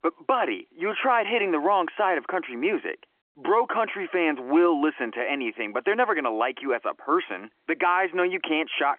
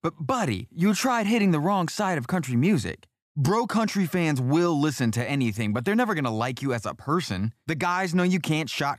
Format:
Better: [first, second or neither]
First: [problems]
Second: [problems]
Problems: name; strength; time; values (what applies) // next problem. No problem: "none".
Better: second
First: phone-call audio; nothing above 3.5 kHz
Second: none